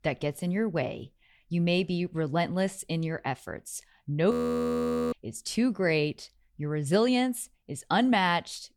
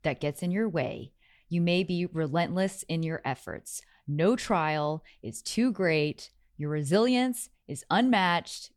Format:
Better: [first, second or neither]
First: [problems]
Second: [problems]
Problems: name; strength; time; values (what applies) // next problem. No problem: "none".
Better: second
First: audio freezing; at 4.5 s for 1 s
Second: none